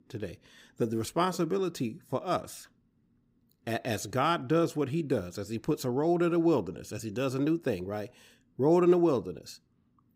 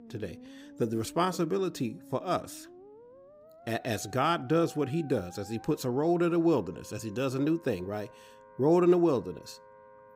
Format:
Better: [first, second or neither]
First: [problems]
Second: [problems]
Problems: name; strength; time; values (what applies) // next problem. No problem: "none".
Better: first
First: none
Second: background music; faint; throughout; 20 dB below the speech